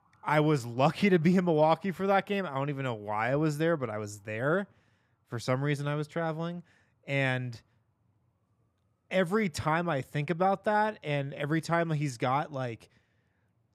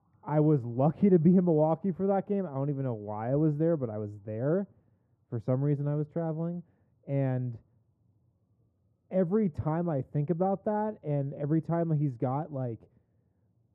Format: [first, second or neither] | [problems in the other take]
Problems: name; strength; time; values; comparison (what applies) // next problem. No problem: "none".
first | muffled; very; fading above 1.5 kHz